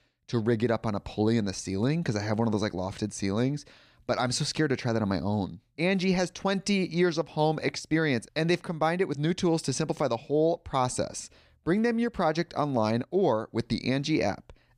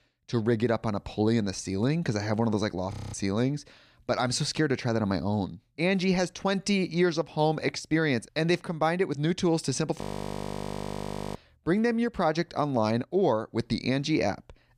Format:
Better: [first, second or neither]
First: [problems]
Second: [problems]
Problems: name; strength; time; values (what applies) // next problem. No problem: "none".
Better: first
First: none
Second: audio freezing; at 3 s and at 10 s for 1.5 s